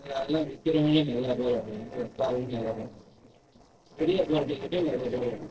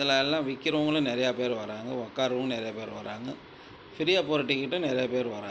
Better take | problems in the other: second | noise reduction (neural separator model SepFormer DNS4)

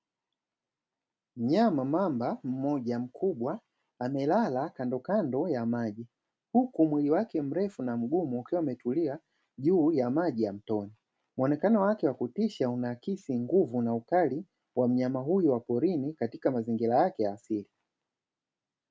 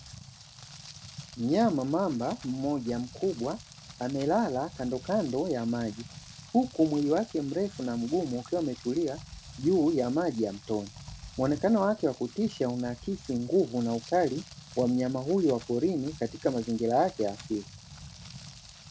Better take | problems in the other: first | background sound (Rain); 17 dB below the speech

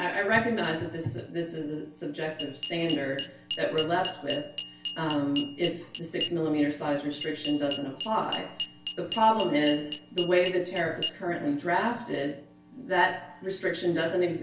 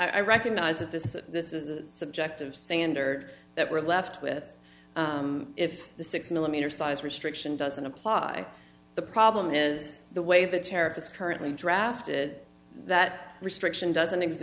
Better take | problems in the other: second | background sound (Glass); 9 dB below the speech // room echo; dies away in 0.3 s

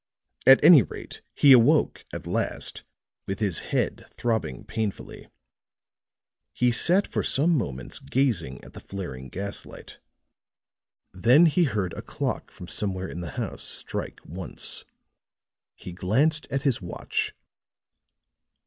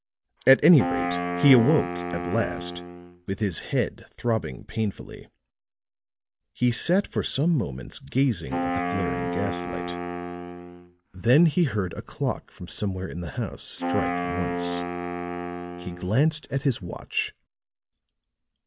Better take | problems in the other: first | background sound (Wind instrument, woodwind instrument); 4 dB below the speech

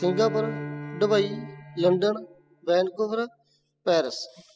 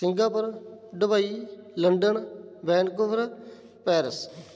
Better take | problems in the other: second | noise reduction (classical method spectral subtraction)

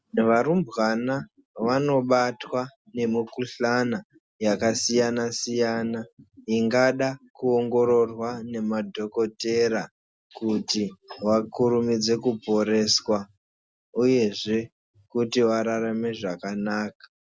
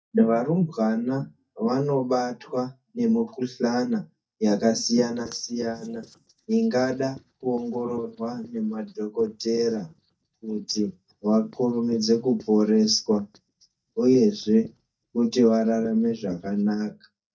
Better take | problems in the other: first | noise reduction (neural mask model DeepFilterNet 3)

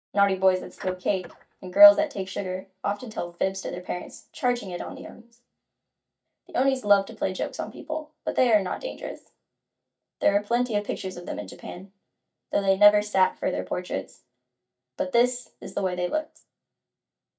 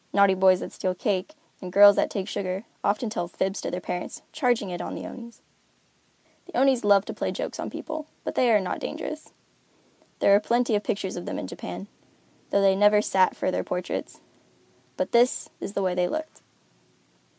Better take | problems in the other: second | noise reduction (neural mask model DeepFilterNet 3)

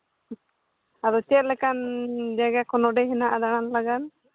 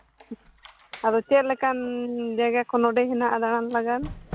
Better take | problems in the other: first | background sound (Squeak); 19 dB below the speech

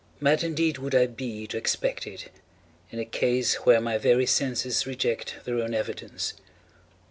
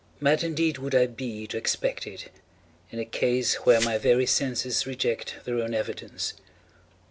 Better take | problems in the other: first | background sound (Glass); 11 dB below the speech

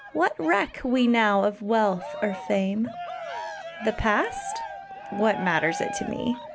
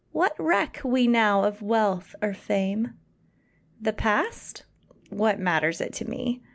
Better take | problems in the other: second | background sound (Cheering); 11 dB below the speech

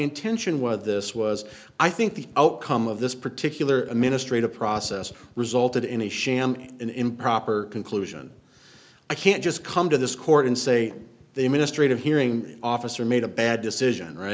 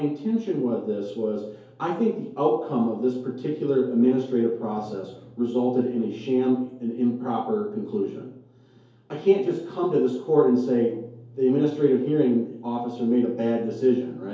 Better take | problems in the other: first | room echo; dies away in 2.4 s

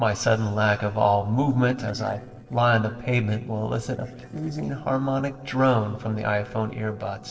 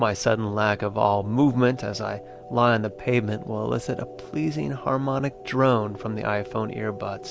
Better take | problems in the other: second | noise reduction (neural separator model SepFormer DNS4)

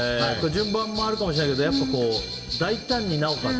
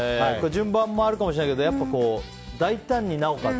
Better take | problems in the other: second | background sound (Bell); 8 dB below the speech // room echo; dies away in 1.5 s

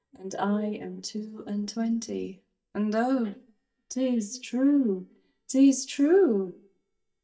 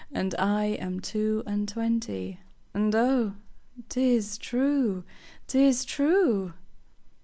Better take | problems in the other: second | noise reduction (neural mask model DeepFilterNet 3)

